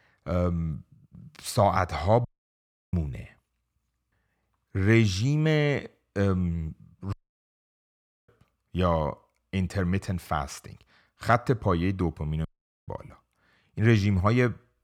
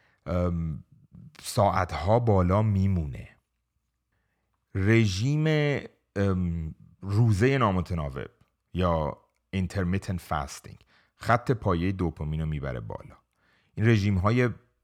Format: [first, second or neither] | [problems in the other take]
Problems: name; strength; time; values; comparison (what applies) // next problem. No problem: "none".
second | audio cutting out; at 2.5 s for 0.5 s, at 7 s for 1 s and at 12 s